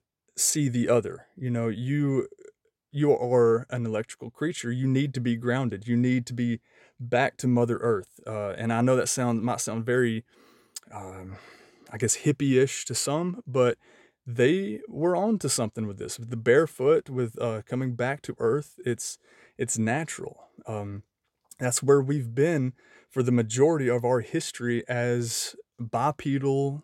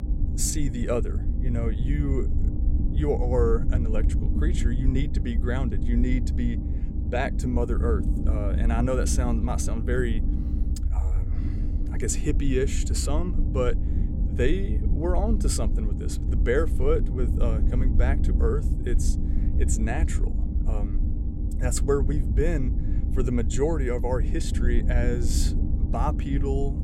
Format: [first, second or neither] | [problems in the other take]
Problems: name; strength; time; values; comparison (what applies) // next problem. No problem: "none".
first | low rumble; loud; throughout; 9 dB below the speech